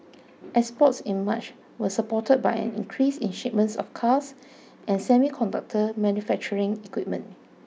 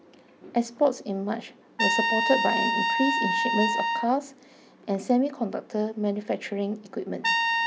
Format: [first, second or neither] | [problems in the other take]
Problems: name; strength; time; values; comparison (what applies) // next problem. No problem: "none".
first | background sound (Trumpet); 1 dB below the speech